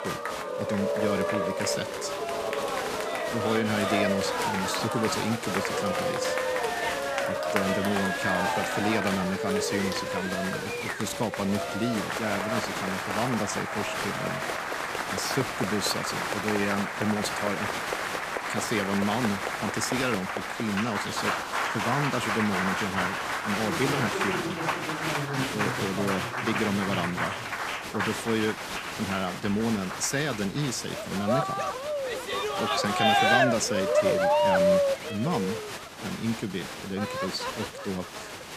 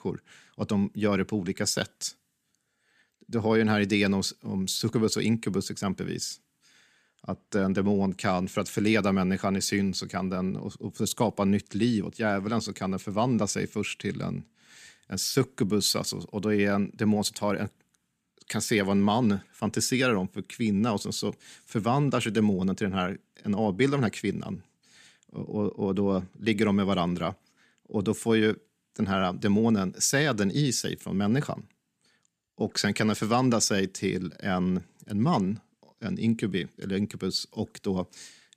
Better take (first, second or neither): second